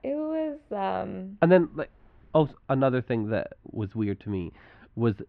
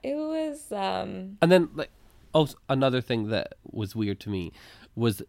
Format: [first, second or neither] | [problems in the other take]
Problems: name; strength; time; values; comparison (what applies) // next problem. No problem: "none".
second | muffled; very; fading above 2 kHz